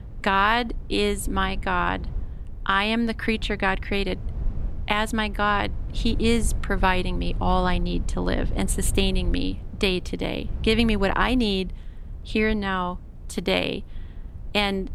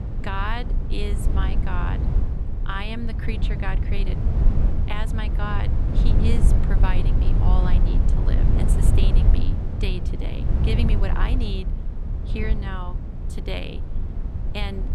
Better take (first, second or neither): first